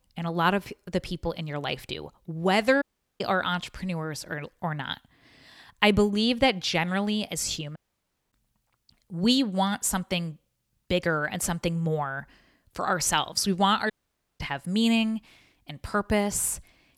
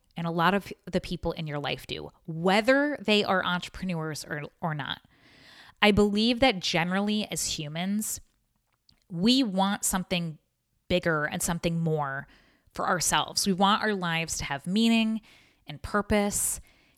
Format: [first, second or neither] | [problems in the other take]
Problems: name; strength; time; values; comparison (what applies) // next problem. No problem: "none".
second | audio cutting out; at 3 s, at 8 s for 0.5 s and at 14 s for 0.5 s